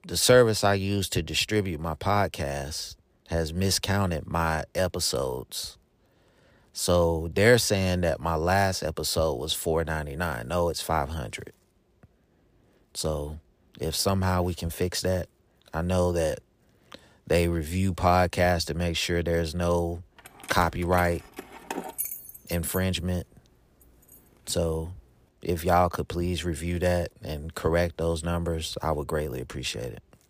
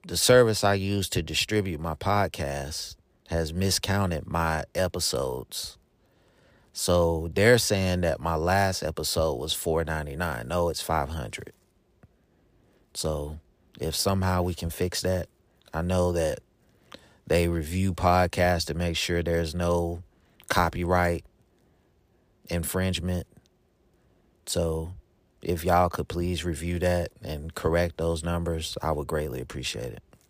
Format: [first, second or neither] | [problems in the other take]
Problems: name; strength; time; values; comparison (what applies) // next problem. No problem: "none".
second | jangling keys; noticeable; from 20 to 25 s; peak 5 dB below the speech